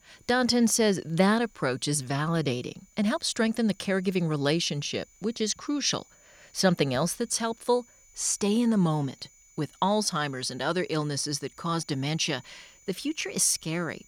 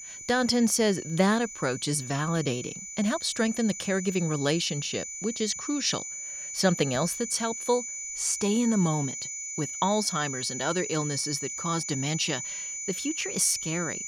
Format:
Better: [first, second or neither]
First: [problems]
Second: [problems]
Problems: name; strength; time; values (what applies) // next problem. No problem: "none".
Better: first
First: high-pitched whine; faint; throughout; 7 kHz, 30 dB below the speech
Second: high-pitched whine; loud; throughout; 7 kHz, 6 dB below the speech